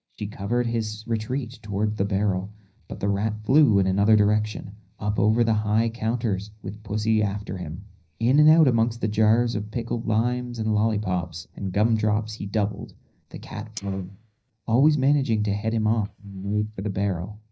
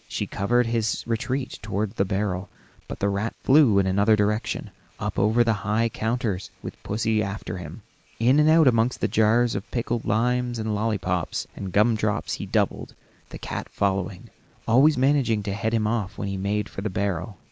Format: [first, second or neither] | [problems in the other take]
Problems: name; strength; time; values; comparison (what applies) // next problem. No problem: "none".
second | noise reduction (neural mask model DeepFilterNet 3)